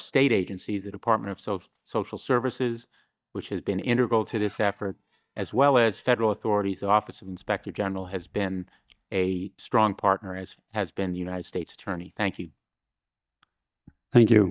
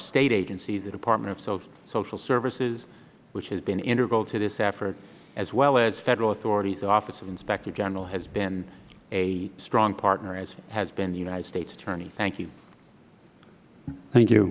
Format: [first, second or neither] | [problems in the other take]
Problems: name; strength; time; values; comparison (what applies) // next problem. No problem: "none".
second | noise reduction (neural mask model DeepFilterNet 3)